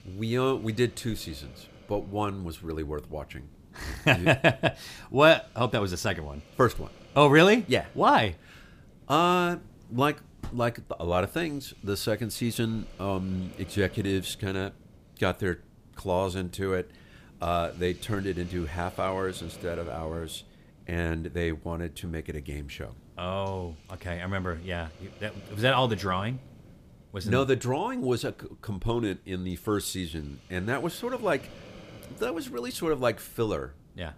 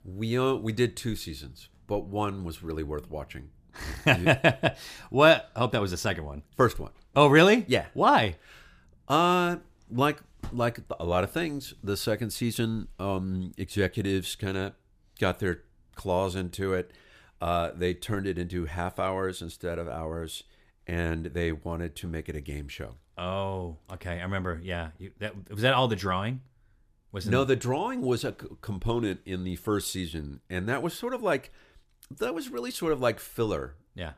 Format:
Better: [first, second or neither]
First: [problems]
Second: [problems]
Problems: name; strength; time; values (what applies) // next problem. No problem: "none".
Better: second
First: hiss; faint; throughout; 25 dB below the speech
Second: none